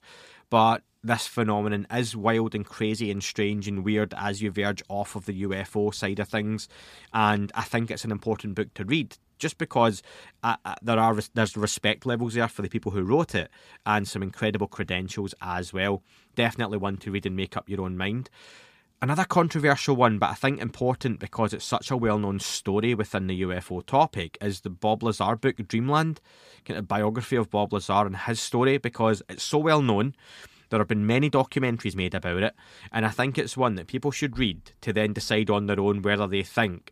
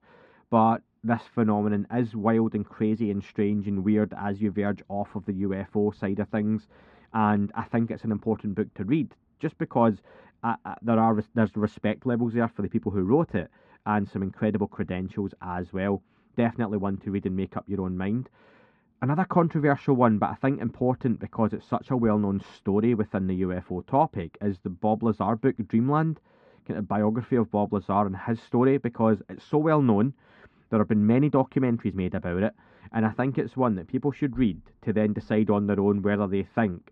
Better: first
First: none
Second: muffled; very; fading above 1.5 kHz

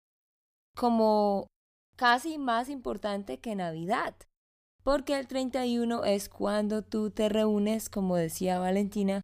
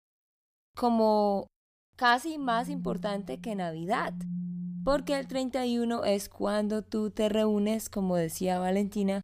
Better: first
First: none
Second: phone ringing; noticeable; from 2.5 to 5.5 s; peak 6 dB below the speech

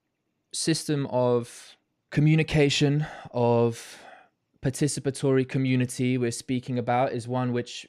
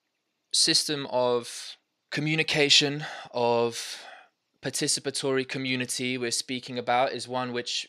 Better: first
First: none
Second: thin; somewhat; fading below 800 Hz

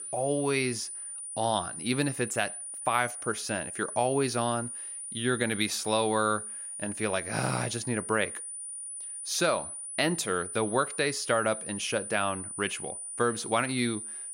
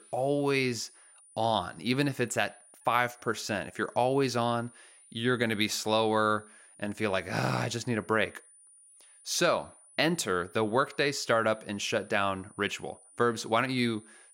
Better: second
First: high-pitched whine; loud; throughout; 9.5 kHz, 6 dB below the speech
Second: high-pitched whine; faint; throughout; 9.5 kHz, 25 dB below the speech

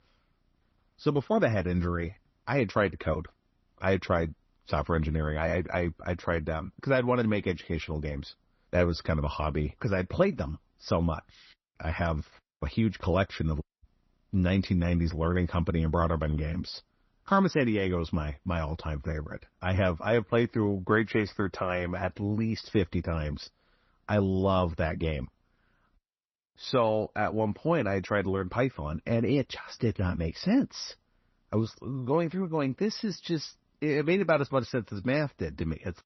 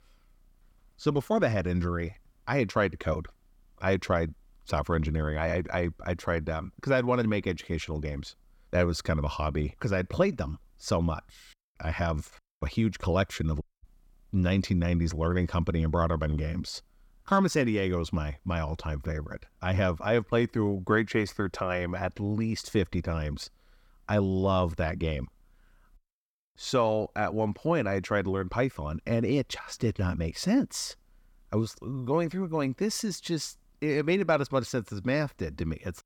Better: second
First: garbled, watery; slightly; nothing above 6 kHz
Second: none

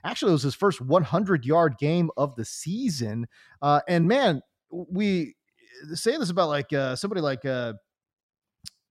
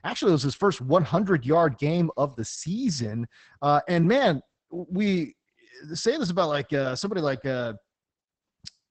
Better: first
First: none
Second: garbled, watery; badly; nothing above 8 kHz

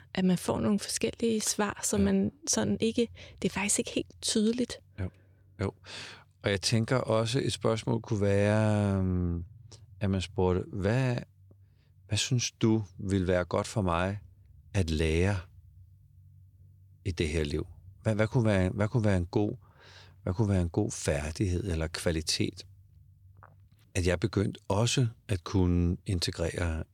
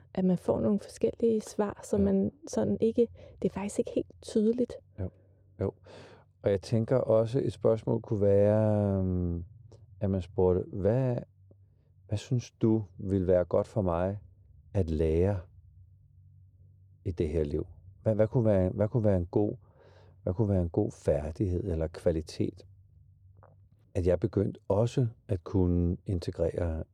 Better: first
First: none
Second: muffled; very; fading above 1.5 kHz

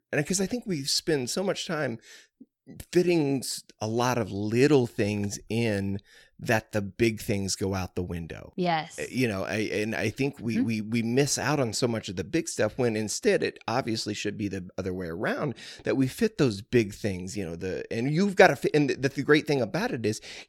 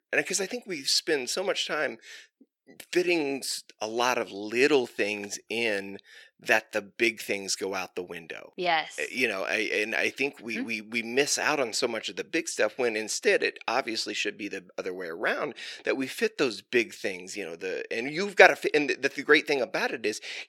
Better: first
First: none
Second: thin; somewhat; fading below 400 Hz

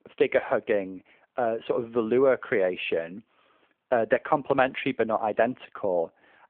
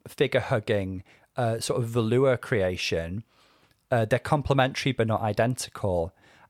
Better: second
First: phone-call audio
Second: none

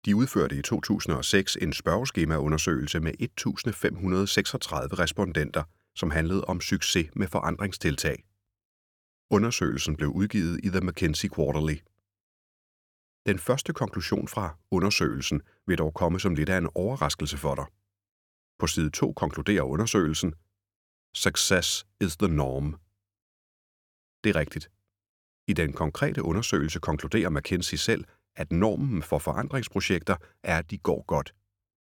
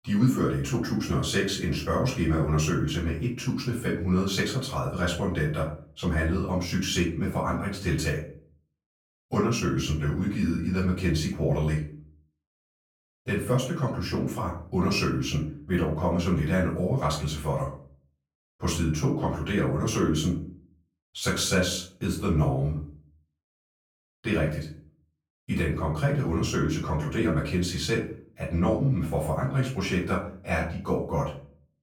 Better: first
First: none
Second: off-mic speech; far // room echo; slight; dies away in 0.4 s

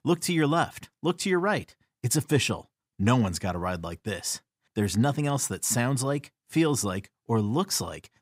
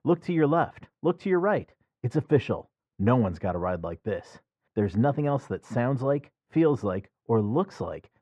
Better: first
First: none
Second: muffled; very; fading above 1.5 kHz

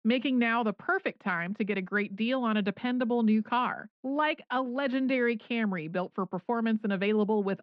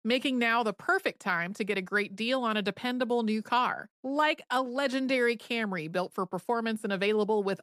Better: second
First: muffled; slightly; fading above 3 kHz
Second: none

